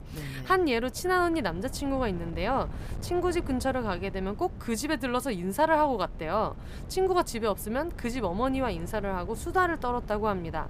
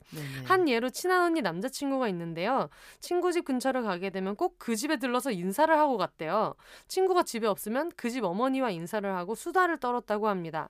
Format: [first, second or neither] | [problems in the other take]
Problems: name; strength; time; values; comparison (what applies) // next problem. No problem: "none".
second | wind noise on the microphone; occasional gusts; 20 dB below the speech